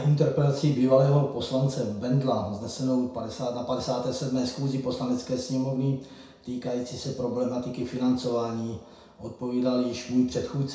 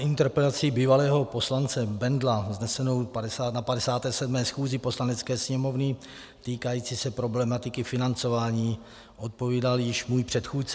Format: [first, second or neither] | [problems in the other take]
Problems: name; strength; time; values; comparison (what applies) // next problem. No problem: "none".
second | room echo; dies away in 0.6 s